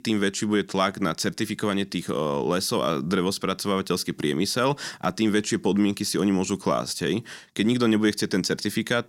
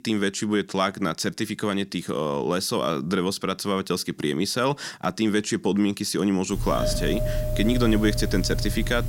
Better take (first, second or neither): first